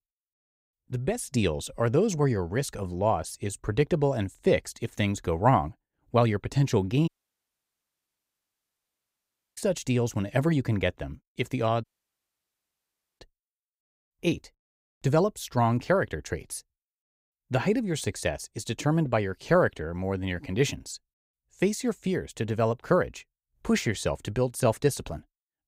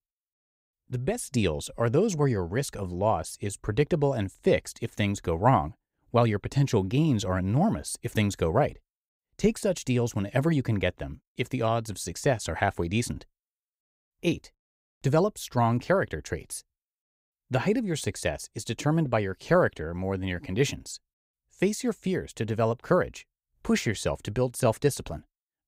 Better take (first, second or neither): second